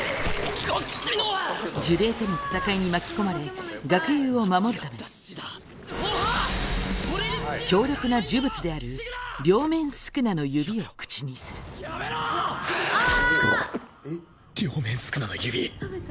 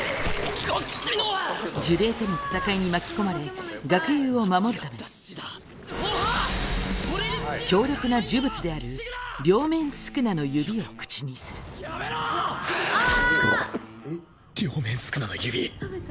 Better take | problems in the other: first | background sound (Guitar); 19 dB below the speech

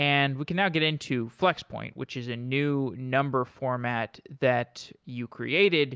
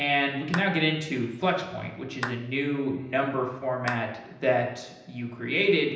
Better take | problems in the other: first | background sound (Clapping); 14 dB below the speech // room echo; dies away in 0.9 s

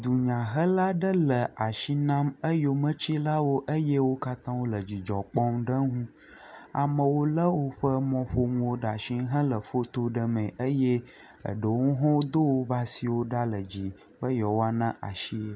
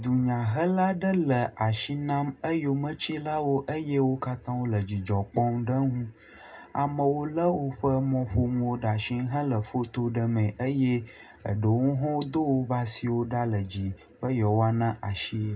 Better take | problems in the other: first | room echo; dies away in 0.2 s

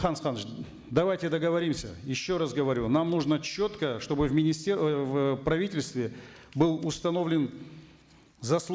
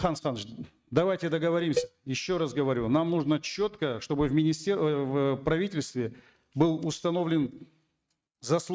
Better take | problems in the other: first | noise reduction (neural mask model RNNoise)

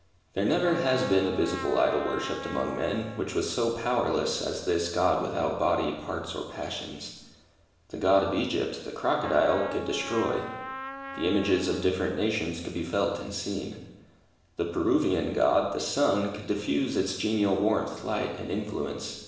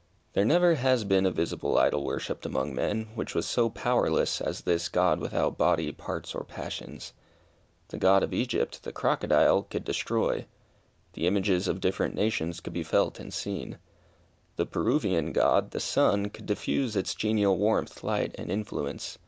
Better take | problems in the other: second | background sound (Trumpet); 12 dB below the speech // room echo; dies away in 0.9 s

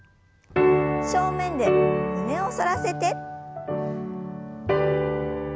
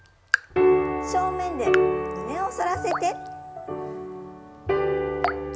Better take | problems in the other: first | background sound (Raindrop / Drip); 9 dB below the speech // room echo; dies away in 2.2 s

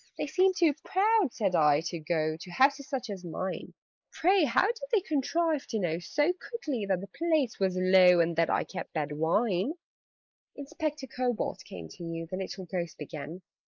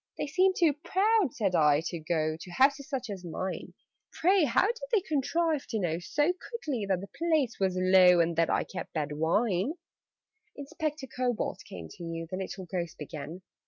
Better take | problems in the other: second | noise reduction (neural mask model Resemble Enhance denoiser)

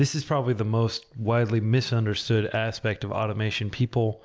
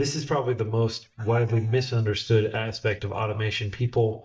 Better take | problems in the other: first | noise reduction (neural mask model DeepFilterNet 3)

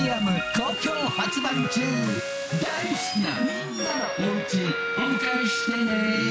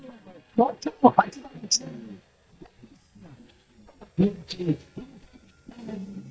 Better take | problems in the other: first | noise reduction (neural mask model DeepFilterNet 3)

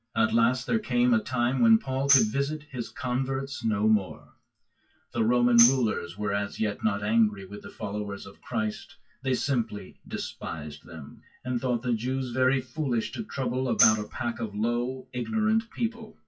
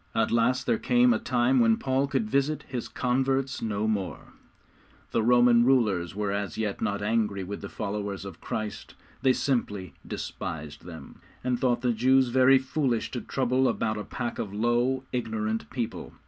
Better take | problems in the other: second | noise reduction (classical method WPE with log-MMSE)

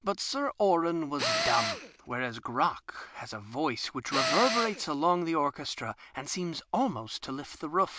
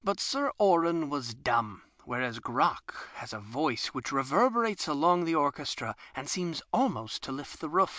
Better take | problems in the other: second | background sound (Tools); 3 dB below the speech

